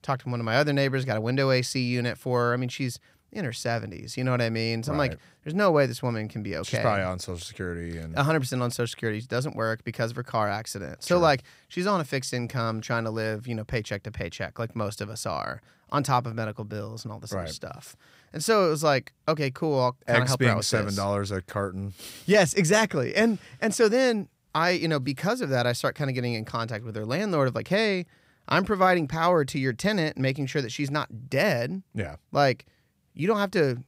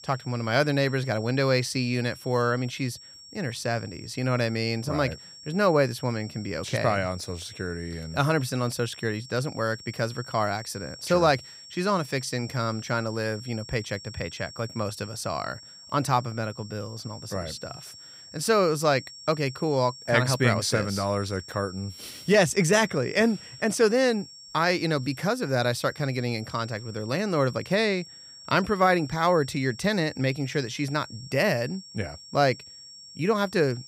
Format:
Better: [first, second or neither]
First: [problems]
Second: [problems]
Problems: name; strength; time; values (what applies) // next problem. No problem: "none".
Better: first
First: none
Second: high-pitched whine; noticeable; throughout; 5.5 kHz, 15 dB below the speech